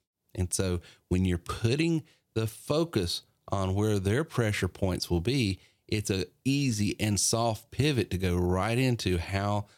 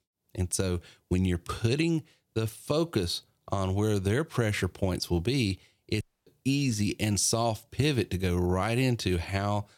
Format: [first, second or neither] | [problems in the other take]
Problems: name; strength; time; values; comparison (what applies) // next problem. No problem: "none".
first | audio cutting out; at 6 s